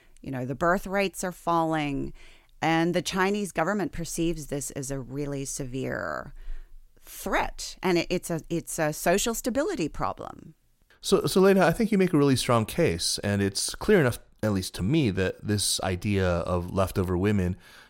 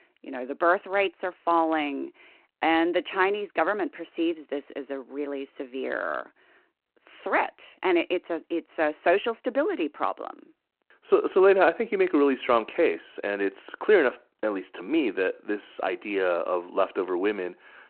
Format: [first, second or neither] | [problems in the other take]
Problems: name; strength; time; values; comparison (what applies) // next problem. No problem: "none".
first | phone-call audio; nothing above 4 kHz